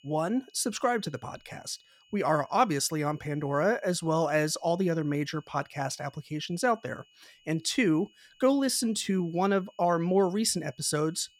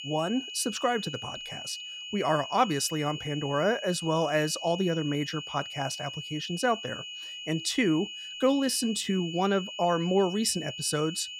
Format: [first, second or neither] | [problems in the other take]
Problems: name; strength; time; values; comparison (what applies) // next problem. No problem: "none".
first | high-pitched whine; loud; throughout; 3 kHz, 9 dB below the speech; faint in the first